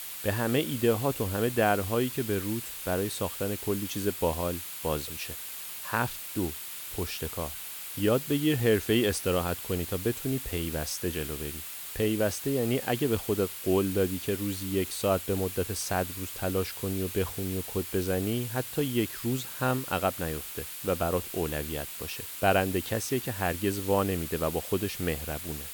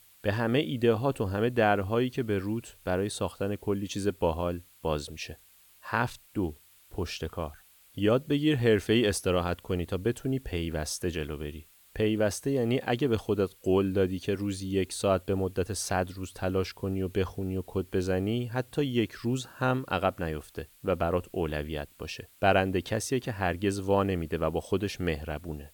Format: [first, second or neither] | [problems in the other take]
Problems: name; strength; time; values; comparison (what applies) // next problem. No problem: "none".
second | hiss; loud; throughout; 6 dB below the speech; faint in the second